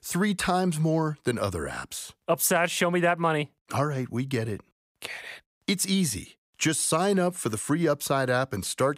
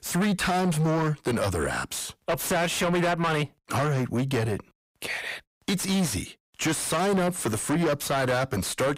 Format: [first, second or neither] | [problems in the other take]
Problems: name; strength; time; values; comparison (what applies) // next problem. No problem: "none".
first | distortion; heavy; 6 dB below the speech